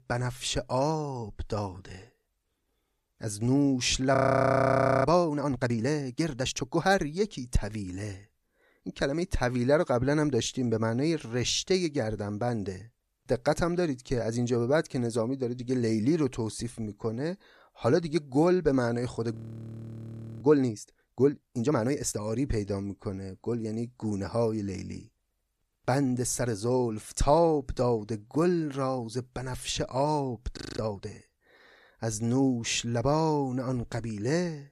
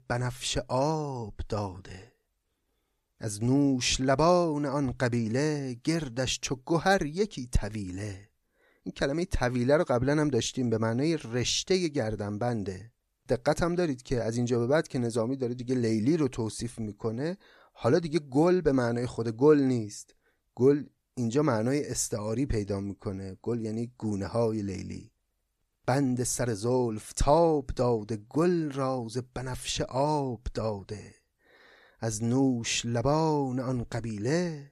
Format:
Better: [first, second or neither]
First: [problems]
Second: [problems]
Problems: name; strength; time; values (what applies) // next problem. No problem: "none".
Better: second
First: audio freezing; at 4 s for 1 s, at 19 s for 1 s and at 31 s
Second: none